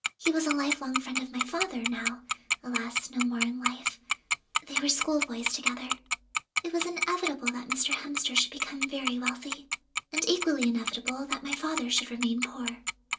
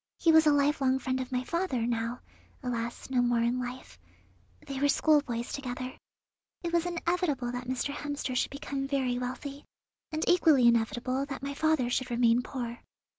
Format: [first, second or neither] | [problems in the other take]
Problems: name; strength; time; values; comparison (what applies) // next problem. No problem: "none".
second | background sound (Tick-tock); 2 dB below the speech // room echo; dies away in 0.2 s